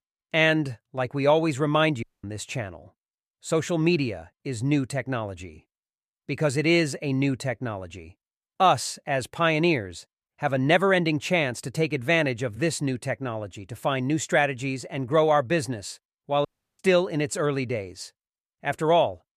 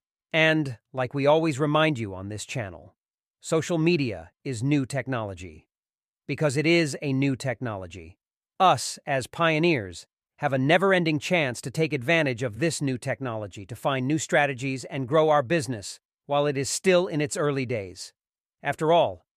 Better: second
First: audio cutting out; at 2 s and at 16 s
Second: none

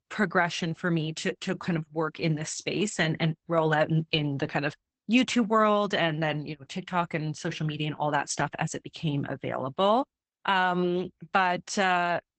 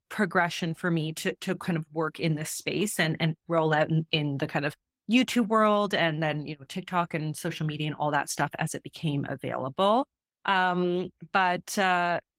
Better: second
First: garbled, watery; badly; nothing above 8 kHz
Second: garbled, watery; slightly; nothing above 16 kHz

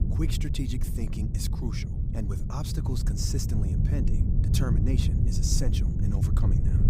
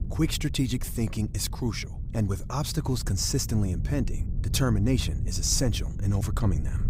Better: second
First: wind noise on the microphone; heavy; 3 dB below the speech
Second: wind noise on the microphone; occasional gusts; 15 dB below the speech

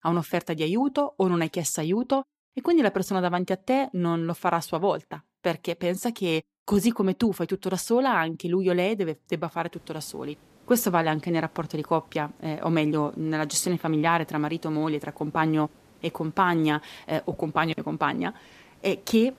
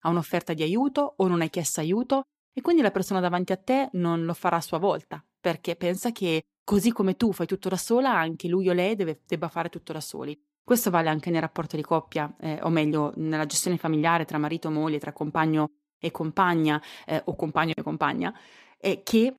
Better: second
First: hiss; faint; from 9.5 s on; 30 dB below the speech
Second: none

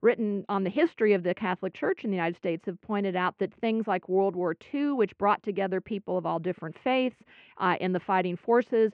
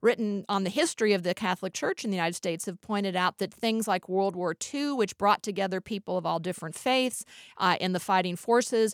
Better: second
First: muffled; very; fading above 2.5 kHz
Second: none

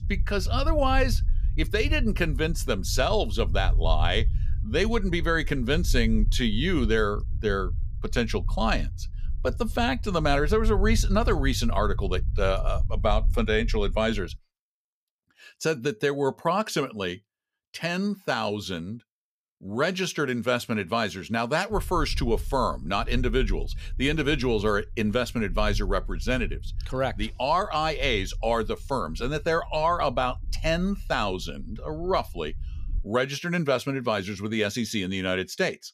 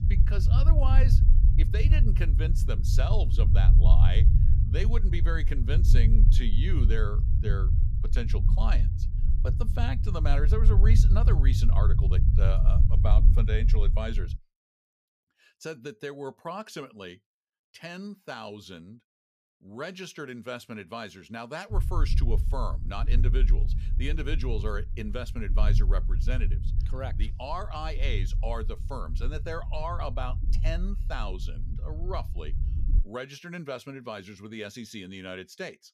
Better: first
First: low rumble; faint; until 14 s and from 22 to 33 s; 25 dB below the speech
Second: low rumble; loud; until 14 s and from 22 to 33 s; 6 dB below the speech

